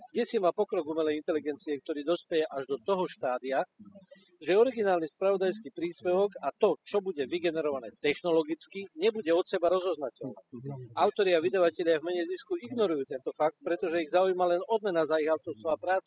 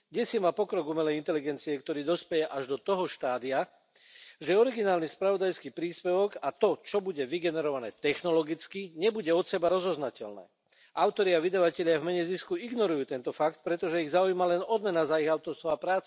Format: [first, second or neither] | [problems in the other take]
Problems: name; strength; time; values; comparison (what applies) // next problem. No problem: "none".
second | noise reduction (classical method spectral subtraction)